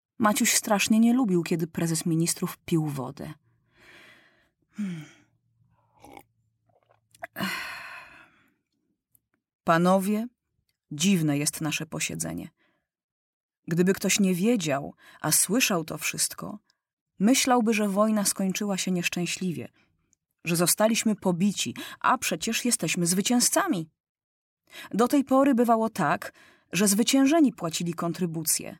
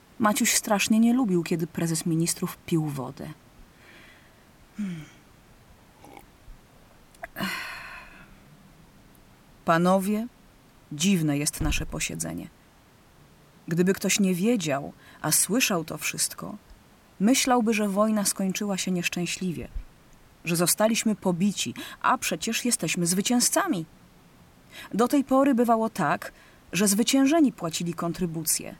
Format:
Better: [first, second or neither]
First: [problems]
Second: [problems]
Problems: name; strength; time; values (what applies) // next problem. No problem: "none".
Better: first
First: none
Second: hiss; faint; throughout; 25 dB below the speech